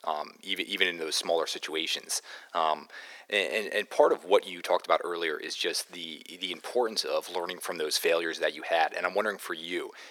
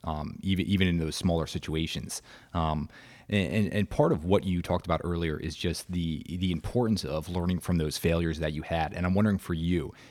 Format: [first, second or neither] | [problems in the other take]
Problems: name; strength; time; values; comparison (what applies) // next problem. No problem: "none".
second | thin; very; fading below 400 Hz